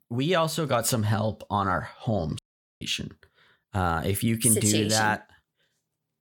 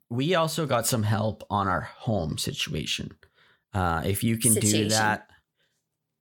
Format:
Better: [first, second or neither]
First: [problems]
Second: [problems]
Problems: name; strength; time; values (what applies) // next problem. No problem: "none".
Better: second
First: audio cutting out; at 2.5 s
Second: none